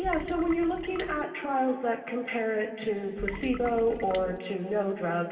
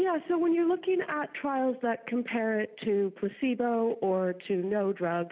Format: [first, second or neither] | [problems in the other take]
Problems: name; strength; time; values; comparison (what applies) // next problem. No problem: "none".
second | background sound (Trickle, dribble / Water tap, faucet); 10 dB below the speech // room echo; dies away in 2.7 s